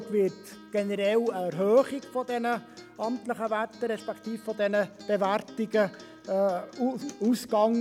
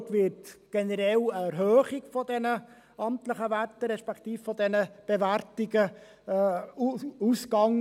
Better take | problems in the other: second | background sound (Acoustic guitar); 20 dB below the speech

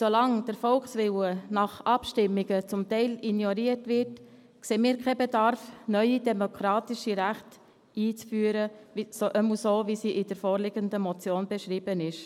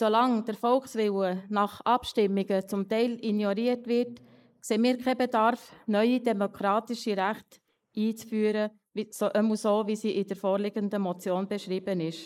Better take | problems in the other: first | noise reduction (neural mask model Resemble Enhance denoiser)

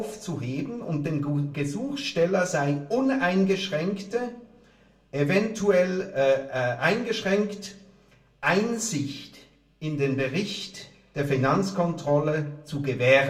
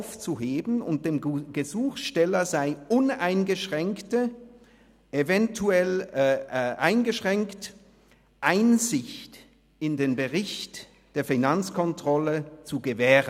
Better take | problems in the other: second | room echo; dies away in 0.3 s

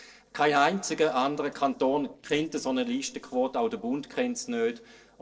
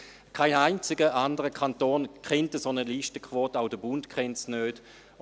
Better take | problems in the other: second | noise reduction (neural separator model SepFormer DNS4)

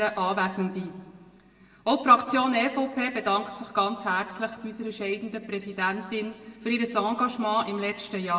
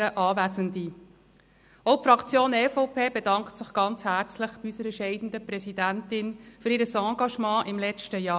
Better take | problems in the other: second | room echo; dies away in 1.2 s

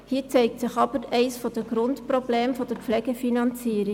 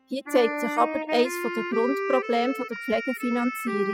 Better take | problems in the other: first | noise reduction (classical method spectral subtraction)

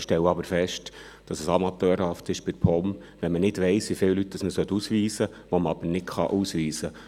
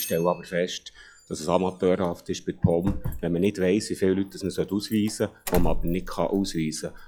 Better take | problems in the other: first | noise reduction (classical method log-MMSE)

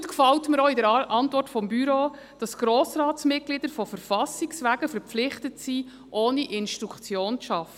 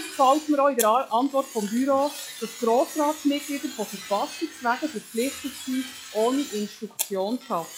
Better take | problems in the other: first | noise reduction (classical method log-MMSE)

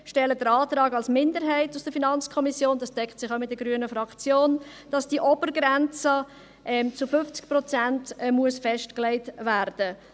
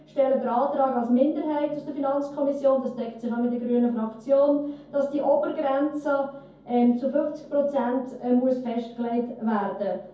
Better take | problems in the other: first | room echo; dies away in 0.6 s

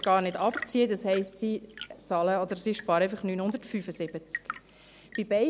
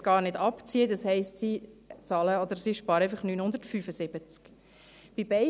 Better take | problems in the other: second | background sound (Tap / Fill (with liquid) / Trickle, dribble / Chirp, tweet / Engine); 15 dB below the speech

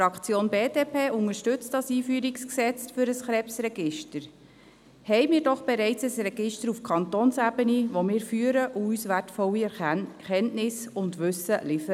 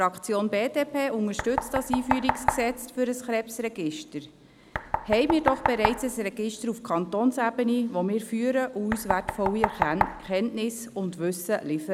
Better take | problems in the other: first | background sound (Knock); 5 dB below the speech

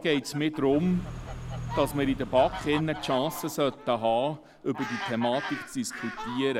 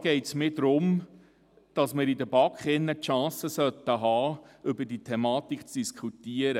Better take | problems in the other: second | background sound (Car + Fowl); 10 dB below the speech

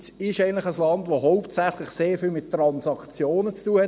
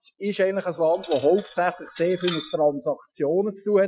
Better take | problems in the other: first | noise reduction (classical method Wiener filter)

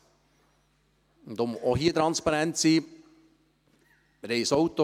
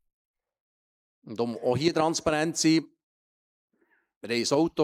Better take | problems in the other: first | noise reduction (neural mask model Resemble Enhance denoiser)

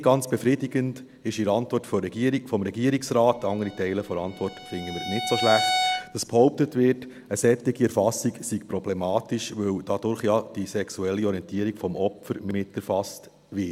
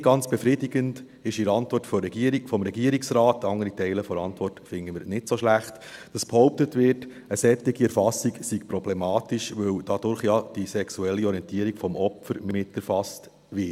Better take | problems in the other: second | background sound (Bowed string instrument); 5 dB below the speech

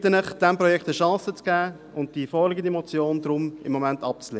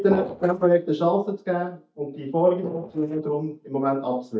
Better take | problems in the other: first | noise reduction (neural mask model DeepFilterNet 3)

